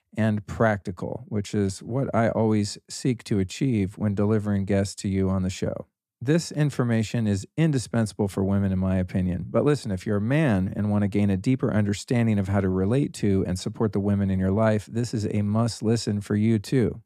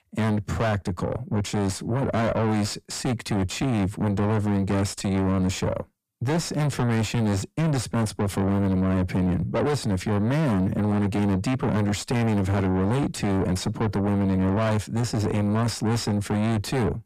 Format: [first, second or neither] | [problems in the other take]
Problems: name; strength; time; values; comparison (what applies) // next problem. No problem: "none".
first | distortion; heavy; 5 dB below the speech